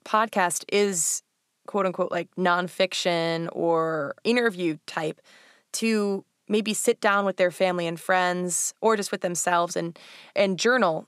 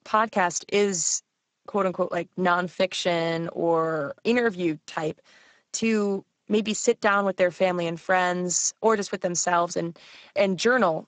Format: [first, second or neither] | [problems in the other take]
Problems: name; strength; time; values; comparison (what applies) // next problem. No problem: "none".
first | garbled, watery; badly; nothing above 7.5 kHz